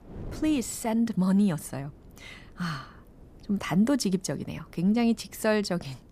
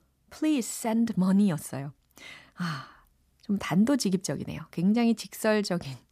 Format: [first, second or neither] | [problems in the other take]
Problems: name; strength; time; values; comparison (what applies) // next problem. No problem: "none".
second | wind noise on the microphone; occasional gusts; 25 dB below the speech